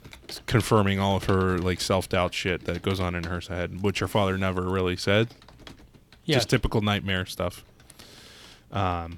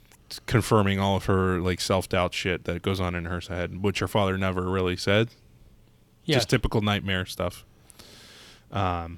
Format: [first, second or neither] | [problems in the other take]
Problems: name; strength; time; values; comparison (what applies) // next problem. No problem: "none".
second | household noises; faint; throughout; 20 dB below the speech